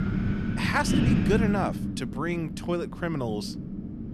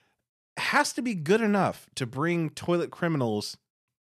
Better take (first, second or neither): second